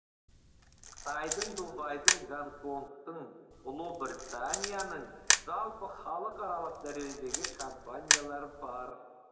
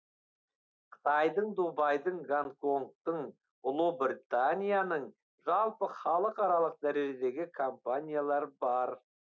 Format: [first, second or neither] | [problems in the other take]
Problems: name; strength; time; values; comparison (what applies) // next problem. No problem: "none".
second | background sound (Camera); 4 dB above the speech // room echo; dies away in 2.9 s